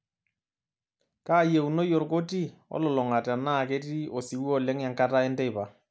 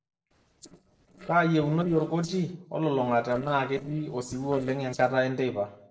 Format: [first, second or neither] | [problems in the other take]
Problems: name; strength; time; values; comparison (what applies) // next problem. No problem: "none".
first | noise reduction (neural separator model SepFormer DNS4)